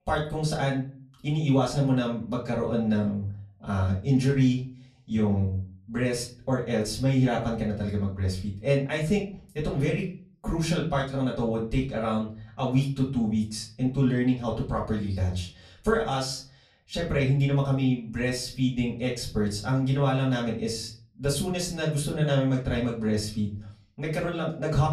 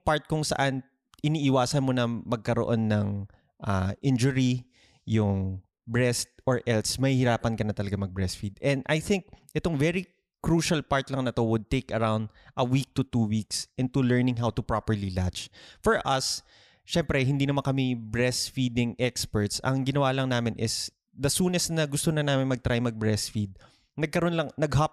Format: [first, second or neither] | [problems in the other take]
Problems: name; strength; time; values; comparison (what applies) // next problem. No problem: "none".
second | off-mic speech; far // room echo; slight; dies away in 0.4 s